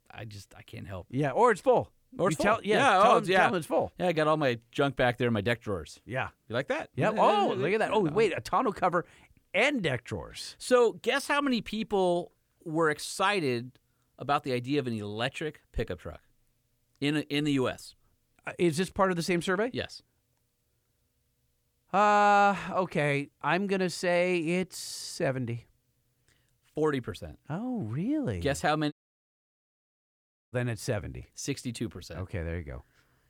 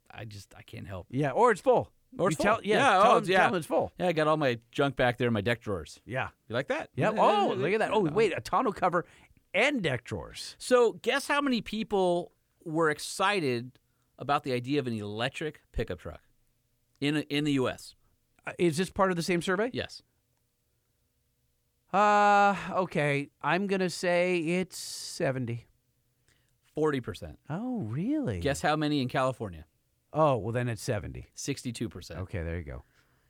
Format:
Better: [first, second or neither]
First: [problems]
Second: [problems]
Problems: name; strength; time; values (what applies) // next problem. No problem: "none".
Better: second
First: audio cutting out; at 29 s for 1.5 s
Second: none